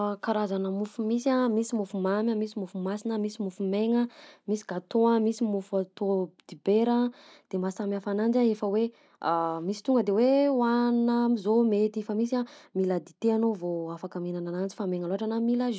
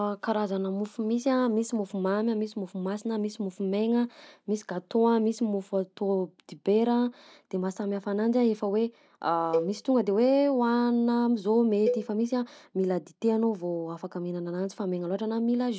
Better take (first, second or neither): first